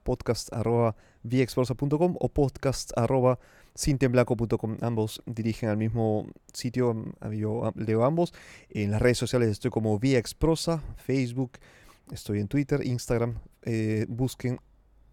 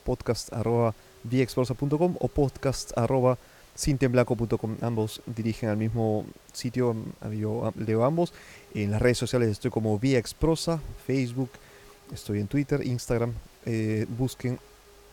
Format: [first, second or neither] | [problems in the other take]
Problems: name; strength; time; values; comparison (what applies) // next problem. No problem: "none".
first | hiss; faint; throughout; 25 dB below the speech